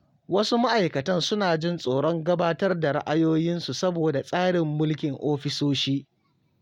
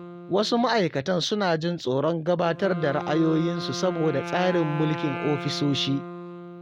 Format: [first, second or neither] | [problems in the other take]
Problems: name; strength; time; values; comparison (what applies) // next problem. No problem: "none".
first | background sound (Wind instrument, woodwind instrument); 10 dB below the speech